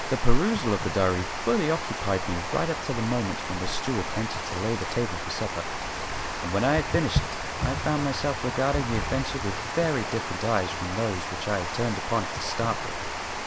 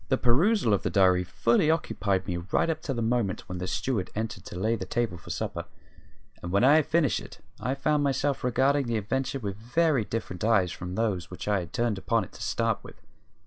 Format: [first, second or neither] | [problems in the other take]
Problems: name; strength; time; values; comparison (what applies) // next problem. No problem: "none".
second | background sound (Water); 4 dB below the speech